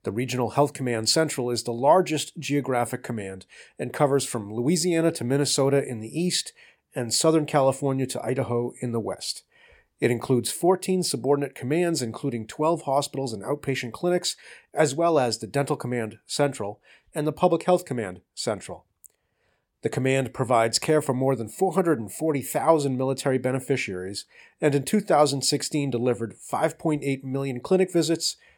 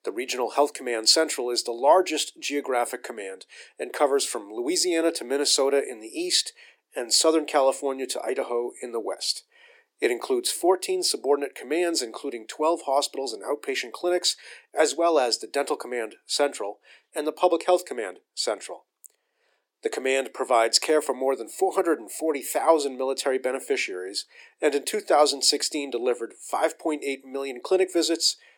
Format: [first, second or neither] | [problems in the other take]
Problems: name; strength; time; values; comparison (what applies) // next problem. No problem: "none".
first | thin; somewhat; fading below 300 Hz